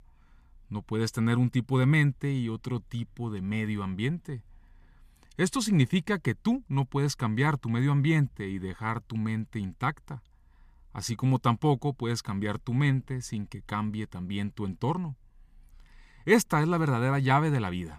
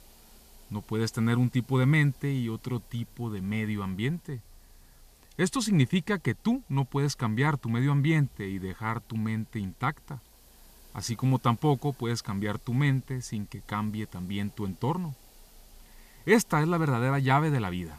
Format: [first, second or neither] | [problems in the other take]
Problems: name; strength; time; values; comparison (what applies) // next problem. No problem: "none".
first | hiss; faint; throughout; 30 dB below the speech